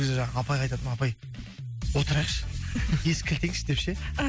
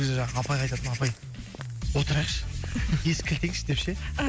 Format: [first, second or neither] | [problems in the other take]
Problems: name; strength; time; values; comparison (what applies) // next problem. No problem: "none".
first | background sound (Walk, footsteps / Bird vocalization, bird call, bird song); 16 dB below the speech